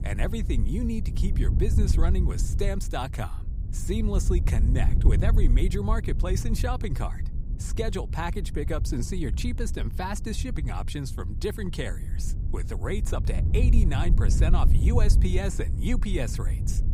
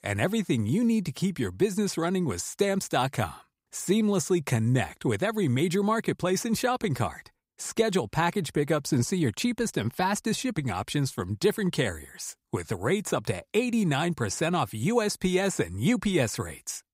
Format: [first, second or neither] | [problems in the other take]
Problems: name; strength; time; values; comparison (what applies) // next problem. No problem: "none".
second | wind noise on the microphone; heavy; 9 dB below the speech